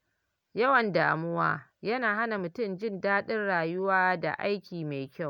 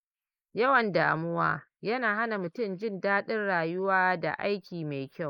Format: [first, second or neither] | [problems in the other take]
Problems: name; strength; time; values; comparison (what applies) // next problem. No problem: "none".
first | noise reduction (neural mask model Resemble Enhance denoiser)